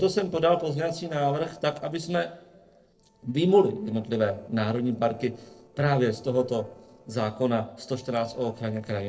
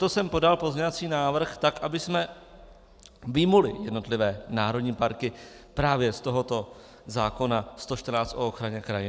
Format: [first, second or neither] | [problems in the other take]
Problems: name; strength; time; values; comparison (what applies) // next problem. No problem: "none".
second | noise reduction (neural separator model SepFormer DNS4)